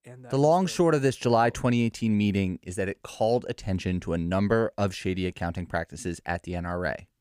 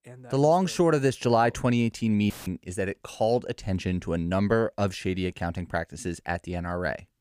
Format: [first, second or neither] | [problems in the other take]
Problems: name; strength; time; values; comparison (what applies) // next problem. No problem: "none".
first | audio cutting out; filled with static; at 2.5 s